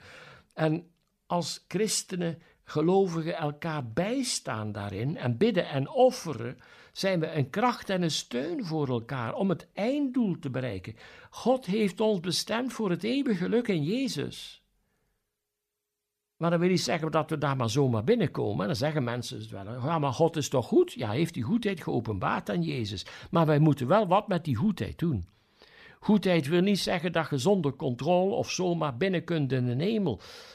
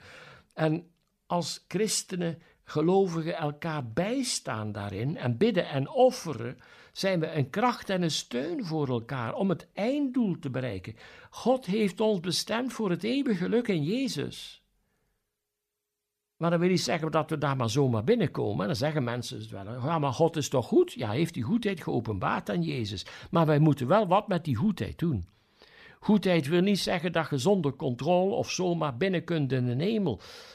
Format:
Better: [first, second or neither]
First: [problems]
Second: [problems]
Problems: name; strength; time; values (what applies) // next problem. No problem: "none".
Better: neither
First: none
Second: none